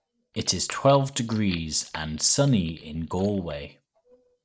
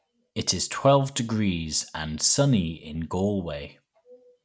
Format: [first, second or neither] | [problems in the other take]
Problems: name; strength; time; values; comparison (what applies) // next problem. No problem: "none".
second | noise reduction (neural separator model SepFormer DNS4)